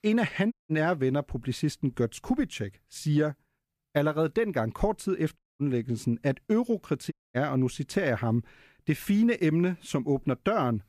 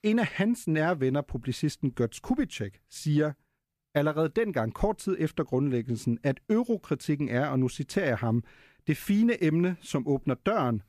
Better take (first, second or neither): second